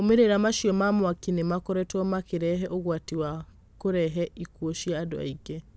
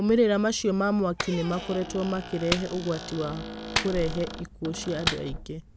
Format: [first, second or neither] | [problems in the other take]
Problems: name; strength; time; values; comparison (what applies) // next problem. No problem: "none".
first | background sound (Clapping + Squeak); 8 dB below the speech